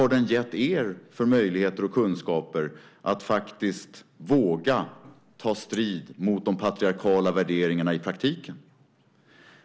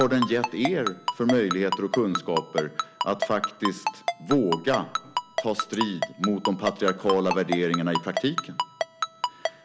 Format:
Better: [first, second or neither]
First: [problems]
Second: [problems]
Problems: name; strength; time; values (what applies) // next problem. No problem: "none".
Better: first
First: none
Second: background sound (Ringtone); 4 dB below the speech